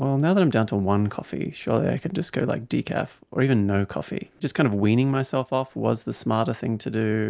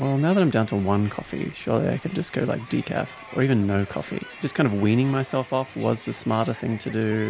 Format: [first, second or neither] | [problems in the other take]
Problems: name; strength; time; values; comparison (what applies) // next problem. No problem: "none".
first | background sound (Crowd); 19 dB below the speech